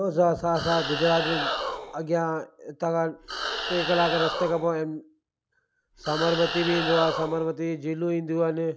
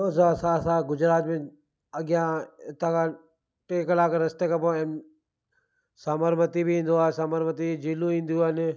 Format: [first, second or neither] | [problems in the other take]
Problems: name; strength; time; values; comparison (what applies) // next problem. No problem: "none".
second | background sound (Animal); 4 dB below the speech